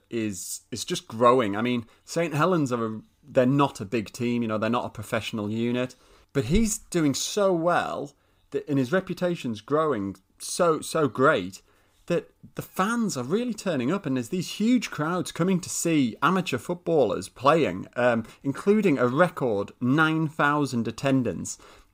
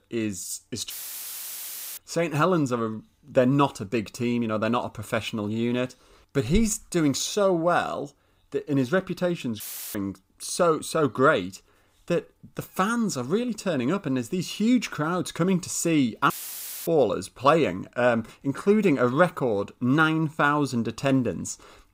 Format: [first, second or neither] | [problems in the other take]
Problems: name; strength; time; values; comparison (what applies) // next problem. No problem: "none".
first | audio cutting out; filled with static; at 1 s for 1 s, at 9.5 s and at 16 s for 0.5 s